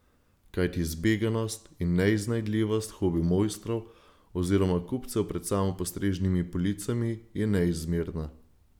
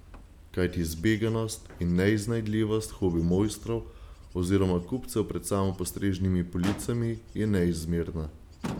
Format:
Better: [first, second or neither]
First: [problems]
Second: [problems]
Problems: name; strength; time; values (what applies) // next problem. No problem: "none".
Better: first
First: none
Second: background sound (Wind / Bird / Insect + Motor vehicle (road)); 16 dB below the speech